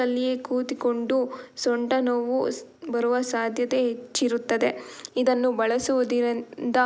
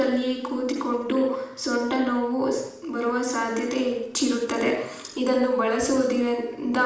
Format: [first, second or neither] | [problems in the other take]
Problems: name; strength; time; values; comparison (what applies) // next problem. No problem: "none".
first | room echo; dies away in 0.7 s